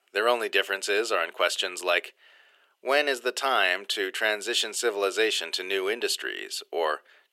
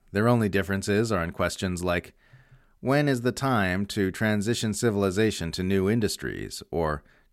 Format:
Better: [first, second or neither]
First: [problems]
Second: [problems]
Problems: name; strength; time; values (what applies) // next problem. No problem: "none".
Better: second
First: thin; very; fading below 400 Hz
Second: none